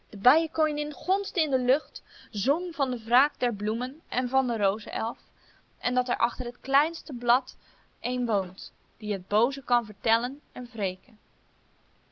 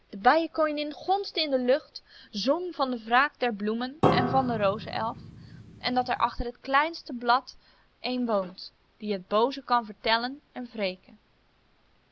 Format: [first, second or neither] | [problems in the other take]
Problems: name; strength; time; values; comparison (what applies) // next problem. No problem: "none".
first | background sound (Piano); 2 dB below the speech